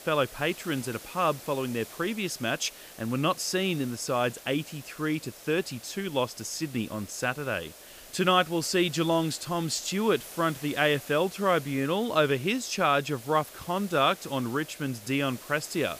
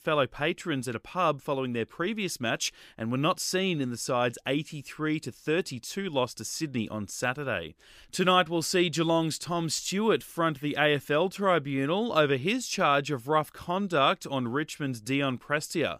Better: second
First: hiss; noticeable; throughout; 15 dB below the speech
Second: none

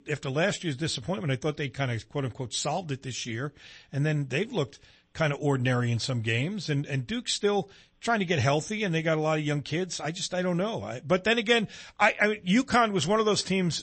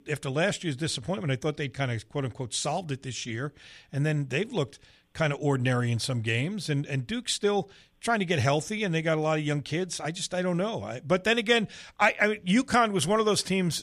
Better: second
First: garbled, watery; slightly; nothing above 8 kHz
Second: none

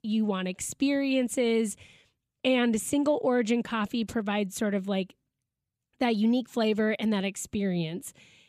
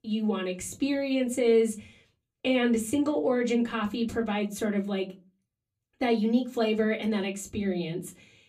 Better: first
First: none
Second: off-mic speech; somewhat distant // room echo; very slight; dies away in 0.2 s

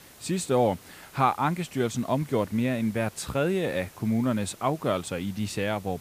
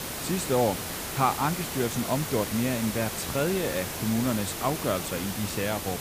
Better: first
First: hiss; faint; throughout; 20 dB below the speech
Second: hiss; loud; throughout; 4 dB below the speech

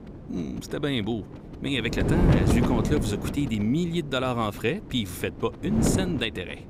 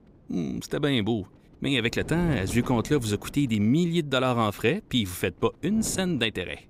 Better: second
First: wind noise on the microphone; heavy; 2 dB below the speech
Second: wind noise on the microphone; occasional gusts; 15 dB below the speech

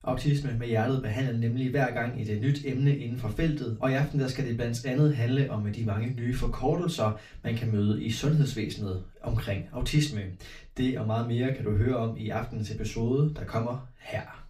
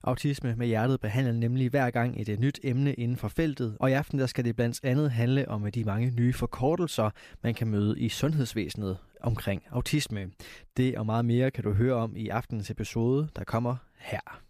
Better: second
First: room echo; slight; dies away in 0.3 s // off-mic speech; far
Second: none

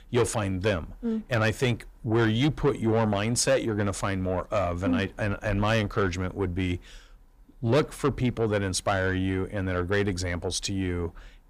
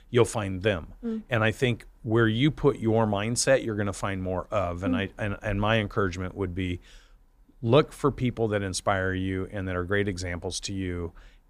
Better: second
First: distortion; slight; 10 dB below the speech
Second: none

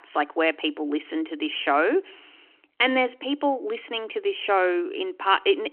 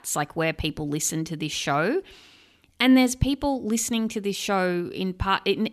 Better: second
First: phone-call audio; nothing above 3 kHz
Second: none

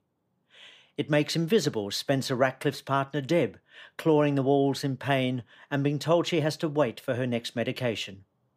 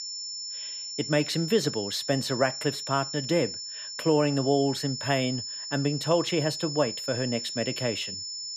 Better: first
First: none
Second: high-pitched whine; loud; throughout; 5.5 kHz, 6 dB below the speech

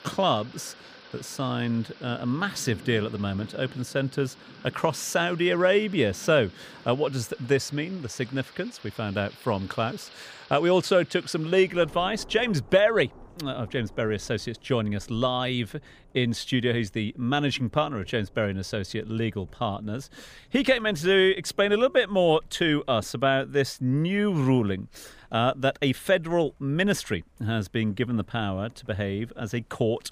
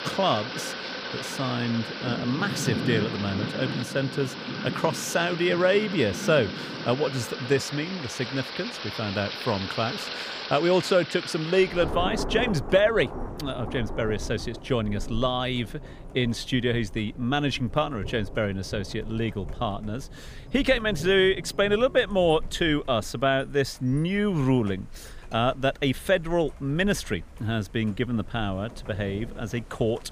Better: first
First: rain or running water; faint; throughout; 25 dB below the speech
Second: rain or running water; loud; throughout; 9 dB below the speech

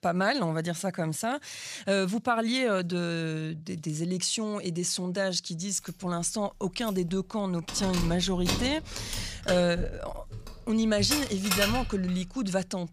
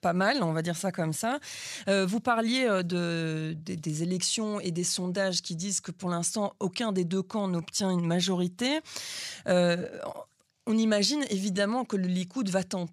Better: second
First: jangling keys; loud; from 7 to 12 s; peak 2 dB above the speech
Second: none

